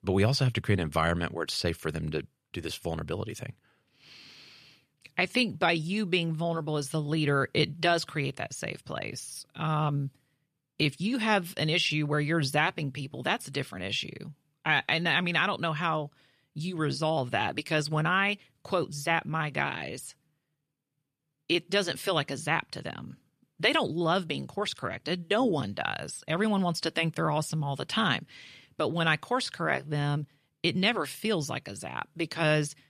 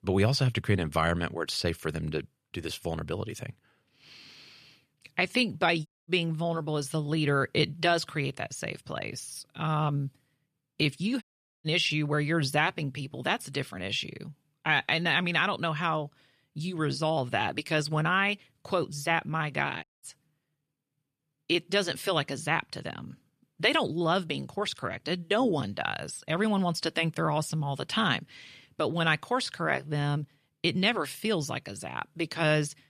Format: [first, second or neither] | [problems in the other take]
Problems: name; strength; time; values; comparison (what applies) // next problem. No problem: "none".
first | audio cutting out; at 6 s, at 11 s and at 20 s